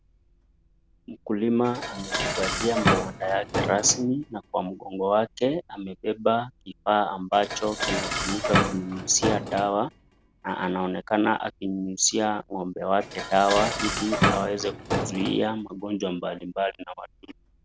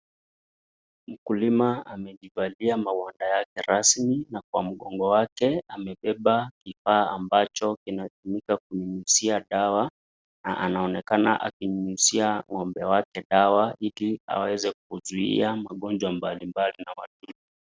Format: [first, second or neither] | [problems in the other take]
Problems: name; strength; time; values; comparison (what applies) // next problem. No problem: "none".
second | background sound (Dishes, pots, and pans); 5 dB below the speech